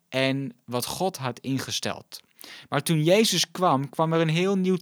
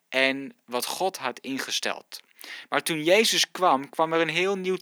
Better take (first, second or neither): first